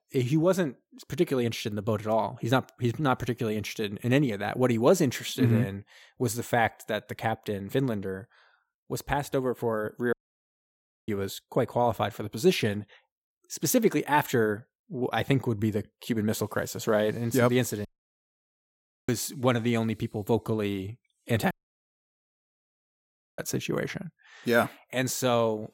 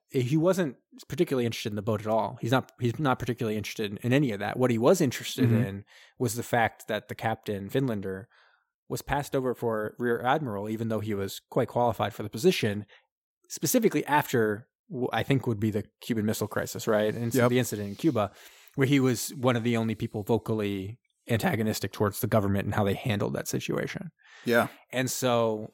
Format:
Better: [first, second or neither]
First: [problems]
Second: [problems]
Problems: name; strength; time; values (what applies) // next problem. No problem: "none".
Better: second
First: audio cutting out; at 10 s for 1 s, at 18 s for 1 s and at 22 s for 2 s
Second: none